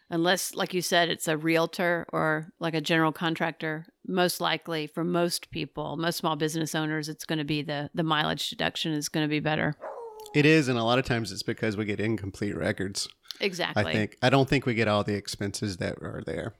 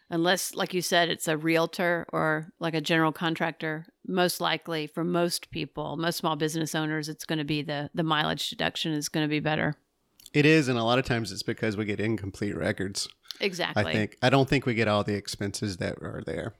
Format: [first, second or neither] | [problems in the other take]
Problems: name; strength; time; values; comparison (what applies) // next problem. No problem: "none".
second | dog barking; faint; at 10 s; peak 15 dB below the speech